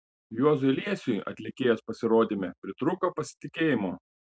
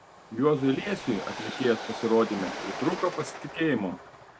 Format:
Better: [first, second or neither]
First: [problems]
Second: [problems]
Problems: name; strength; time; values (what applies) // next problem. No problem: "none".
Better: first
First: none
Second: background sound (Train); 11 dB below the speech